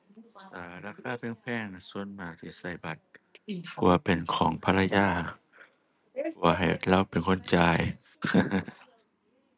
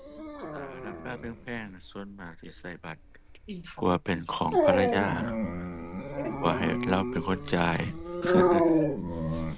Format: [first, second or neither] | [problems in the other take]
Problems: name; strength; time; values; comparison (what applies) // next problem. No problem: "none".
first | background sound (Dog); 2 dB above the speech